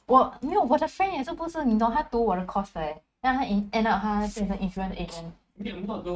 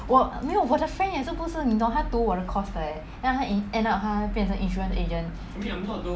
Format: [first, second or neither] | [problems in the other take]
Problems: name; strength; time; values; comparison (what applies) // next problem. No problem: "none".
second | noise reduction (neural mask model RNNoise)